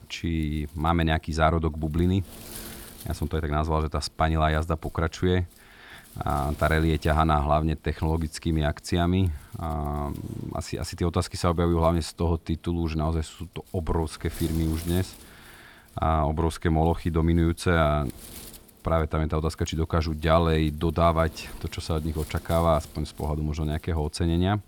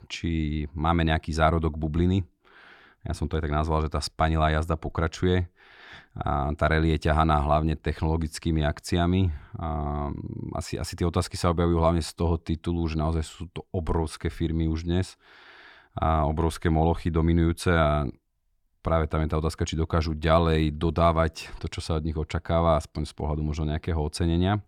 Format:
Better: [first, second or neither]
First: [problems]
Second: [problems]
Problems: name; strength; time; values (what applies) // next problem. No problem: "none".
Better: second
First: wind noise on the microphone; occasional gusts; 20 dB below the speech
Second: none